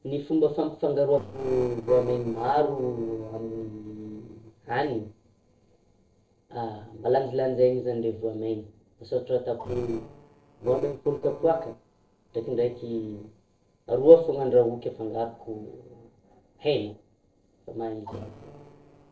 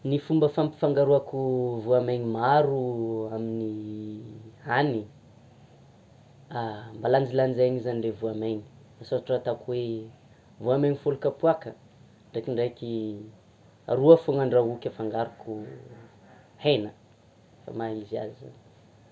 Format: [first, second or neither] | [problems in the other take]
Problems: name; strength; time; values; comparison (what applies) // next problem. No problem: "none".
second | noise reduction (neural separator model SepFormer DNS4)